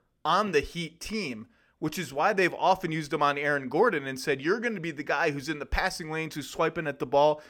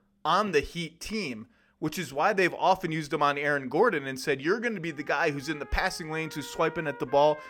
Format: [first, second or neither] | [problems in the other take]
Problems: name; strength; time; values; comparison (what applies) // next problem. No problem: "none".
first | background music; faint; throughout; 20 dB below the speech